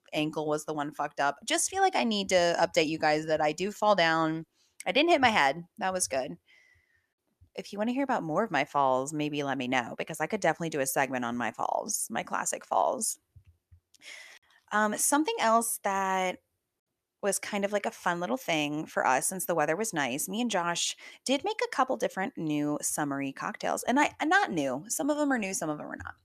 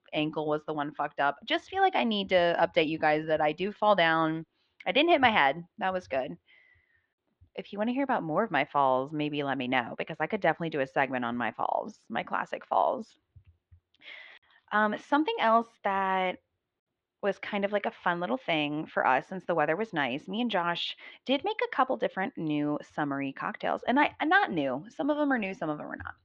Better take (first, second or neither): first